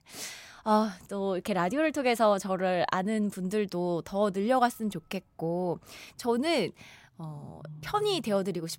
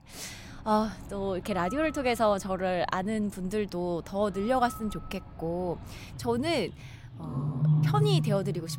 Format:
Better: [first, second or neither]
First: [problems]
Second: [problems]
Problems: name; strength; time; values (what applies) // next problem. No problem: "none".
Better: first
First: animal sounds; faint; throughout; 25 dB below the speech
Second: animal sounds; loud; throughout; 2 dB below the speech